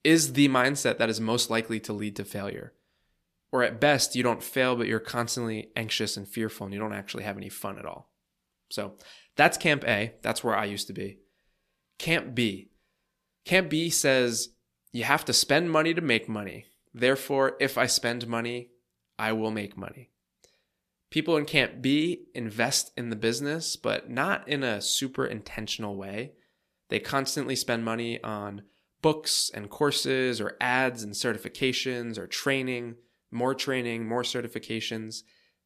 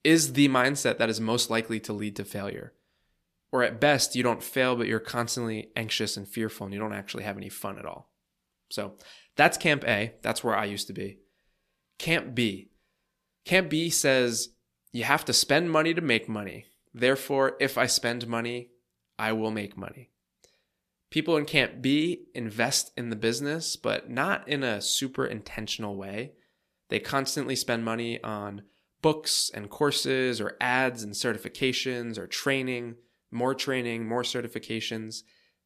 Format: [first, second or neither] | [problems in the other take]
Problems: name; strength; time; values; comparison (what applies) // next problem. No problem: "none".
neither | none